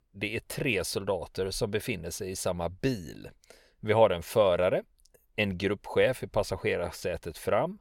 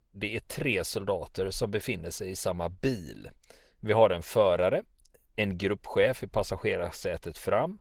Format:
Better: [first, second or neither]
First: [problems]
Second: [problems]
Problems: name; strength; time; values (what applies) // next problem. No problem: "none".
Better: first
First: none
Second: garbled, watery; slightly; nothing above 17.5 kHz